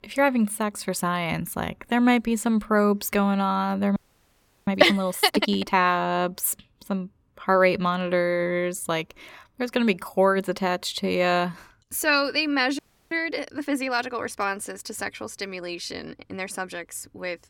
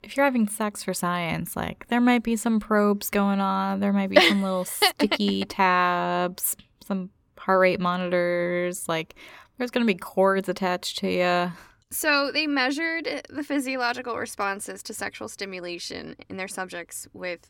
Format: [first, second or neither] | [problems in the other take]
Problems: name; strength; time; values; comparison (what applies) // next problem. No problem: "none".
second | audio freezing; at 4 s for 0.5 s and at 13 s